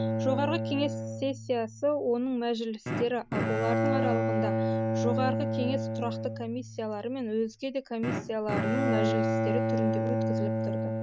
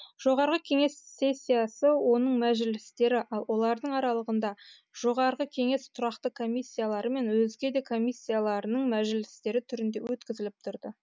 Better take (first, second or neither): second